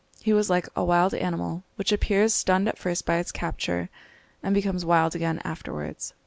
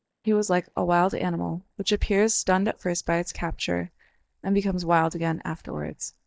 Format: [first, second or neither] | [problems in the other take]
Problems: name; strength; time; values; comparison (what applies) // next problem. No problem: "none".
first | noise reduction (neural mask model DeepFilterNet 3)